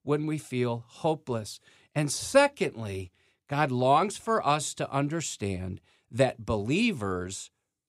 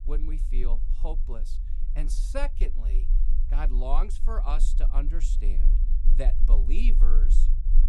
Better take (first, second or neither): first